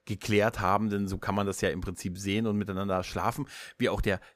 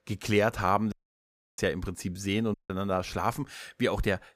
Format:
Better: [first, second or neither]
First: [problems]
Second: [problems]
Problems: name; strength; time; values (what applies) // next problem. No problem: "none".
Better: first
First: none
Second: audio cutting out; at 1 s for 0.5 s and at 2.5 s